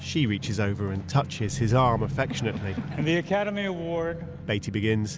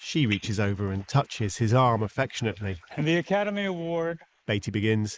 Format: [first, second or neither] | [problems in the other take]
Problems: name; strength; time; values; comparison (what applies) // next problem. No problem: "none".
first | noise reduction (neural mask model Resemble Enhance denoiser)